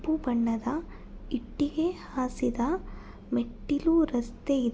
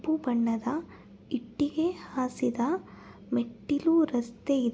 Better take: second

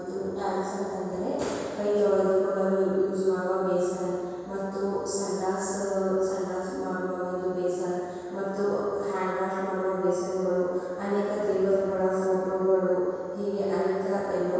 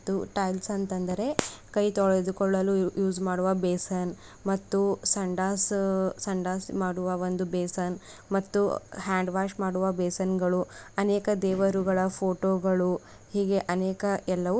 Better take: second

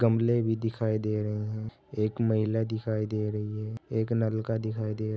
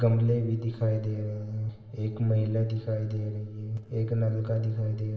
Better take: first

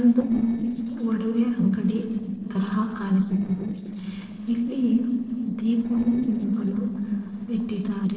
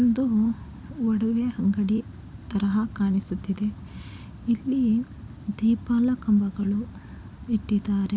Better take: second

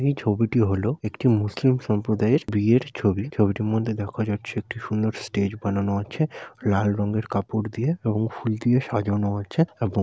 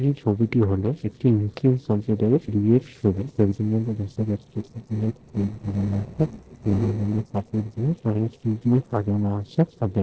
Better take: first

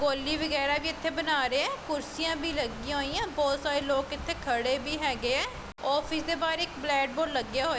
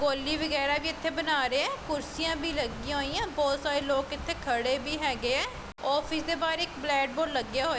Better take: first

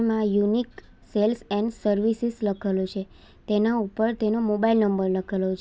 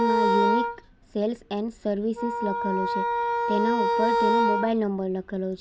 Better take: first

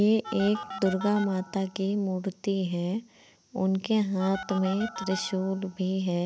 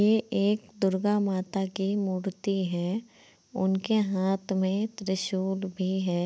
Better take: second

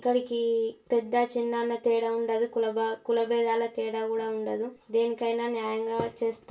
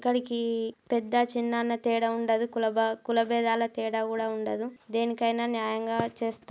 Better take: second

